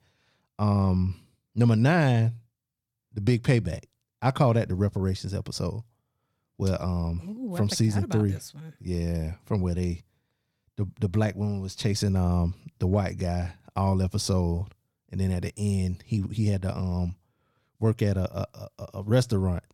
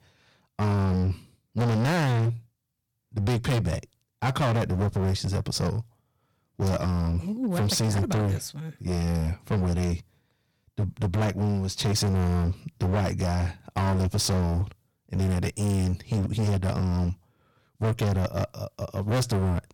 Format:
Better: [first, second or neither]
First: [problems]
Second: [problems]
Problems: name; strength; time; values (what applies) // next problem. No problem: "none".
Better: first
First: none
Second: distortion; heavy; 23% of the sound clipped